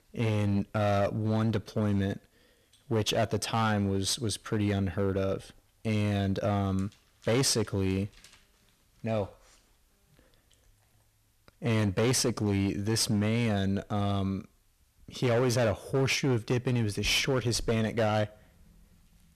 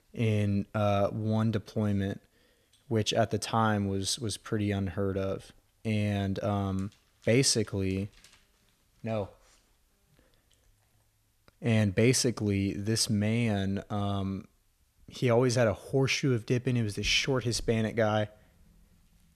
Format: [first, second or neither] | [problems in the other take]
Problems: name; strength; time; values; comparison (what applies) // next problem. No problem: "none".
second | distortion; slight; 12% of the sound clipped